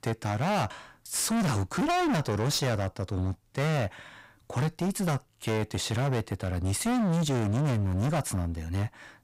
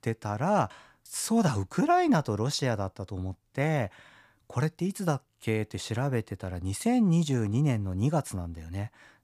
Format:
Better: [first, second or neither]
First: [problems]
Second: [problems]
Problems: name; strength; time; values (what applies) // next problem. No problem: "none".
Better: second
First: distortion; heavy; 30% of the sound clipped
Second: none